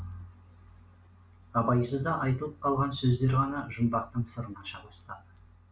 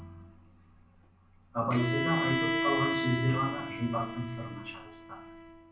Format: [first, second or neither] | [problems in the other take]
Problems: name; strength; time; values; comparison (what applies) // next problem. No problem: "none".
first | background sound (Bowed string instrument); 2 dB below the speech // room echo; dies away in 0.6 s